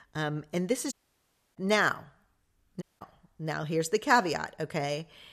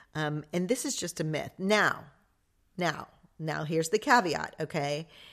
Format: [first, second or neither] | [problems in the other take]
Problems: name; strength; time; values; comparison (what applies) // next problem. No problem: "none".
second | audio cutting out; at 1 s for 0.5 s and at 3 s